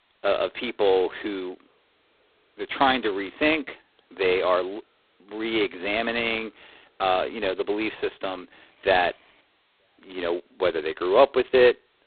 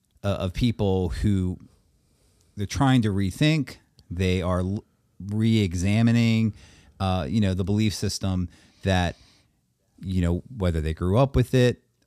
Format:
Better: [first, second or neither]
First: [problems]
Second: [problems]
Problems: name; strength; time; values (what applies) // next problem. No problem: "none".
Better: second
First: phone-call audio; poor line; nothing above 4 kHz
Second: none